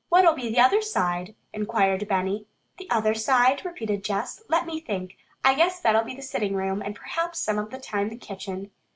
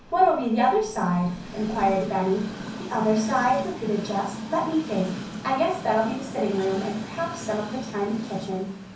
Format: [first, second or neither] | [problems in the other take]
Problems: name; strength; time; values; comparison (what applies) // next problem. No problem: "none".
first | background sound (Train); 11 dB below the speech // room echo; dies away in 0.6 s